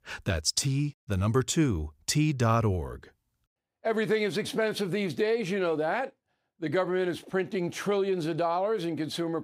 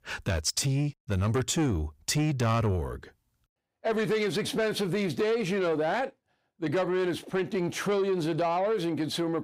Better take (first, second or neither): first